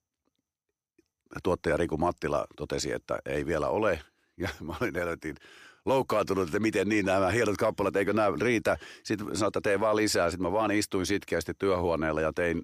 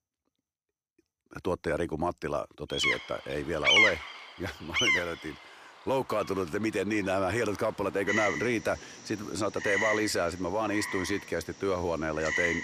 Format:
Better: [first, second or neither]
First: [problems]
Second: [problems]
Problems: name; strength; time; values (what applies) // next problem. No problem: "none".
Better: first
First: none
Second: animal sounds; very loud; from 3 s on; 3 dB above the speech